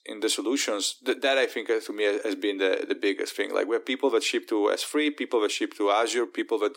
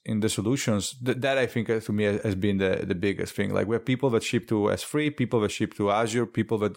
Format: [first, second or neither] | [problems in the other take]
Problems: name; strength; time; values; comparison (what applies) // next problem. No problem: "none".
second | thin; somewhat; fading below 300 Hz